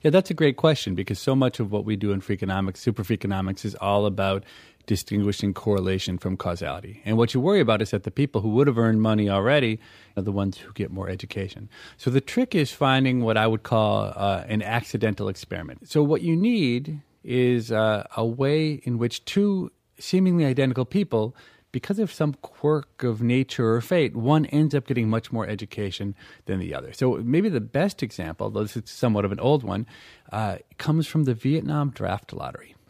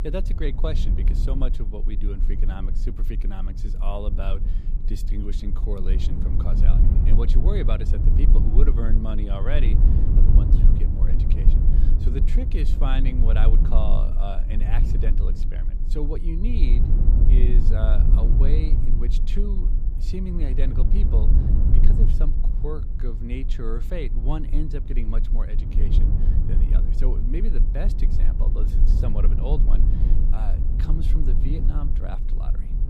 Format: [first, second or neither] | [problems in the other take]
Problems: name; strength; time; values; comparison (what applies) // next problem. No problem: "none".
first | low rumble; loud; throughout; 4 dB below the speech